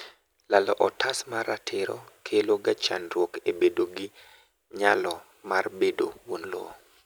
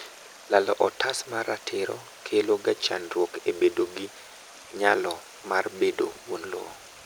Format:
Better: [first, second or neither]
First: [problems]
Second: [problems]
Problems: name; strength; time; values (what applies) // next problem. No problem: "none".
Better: first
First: none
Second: background sound (Stream); 19 dB below the speech